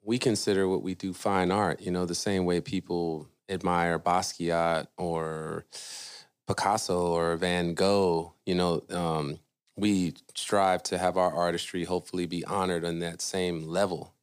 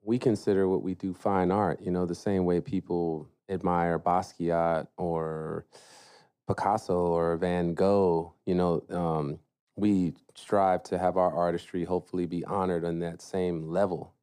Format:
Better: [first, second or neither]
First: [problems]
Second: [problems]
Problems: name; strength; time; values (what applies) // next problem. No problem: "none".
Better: first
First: none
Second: muffled; slightly; fading above 2 kHz